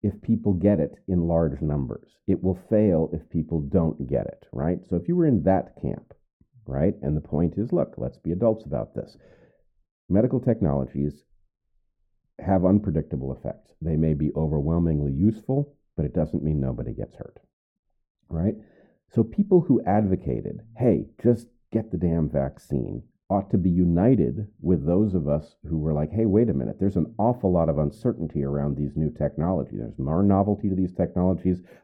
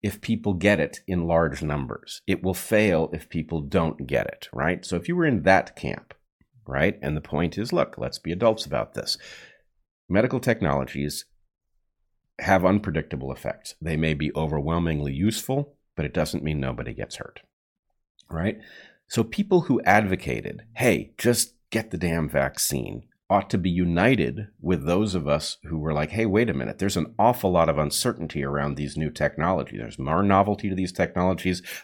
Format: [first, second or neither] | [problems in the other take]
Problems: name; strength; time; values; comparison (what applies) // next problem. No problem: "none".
second | muffled; very; fading above 1 kHz